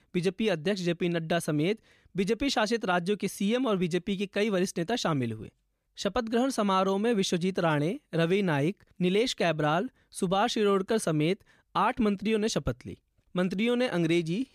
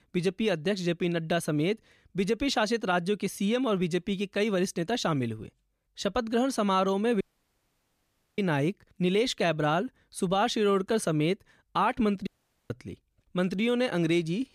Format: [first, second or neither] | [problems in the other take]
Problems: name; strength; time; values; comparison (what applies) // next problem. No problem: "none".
first | audio cutting out; at 7 s for 1 s and at 12 s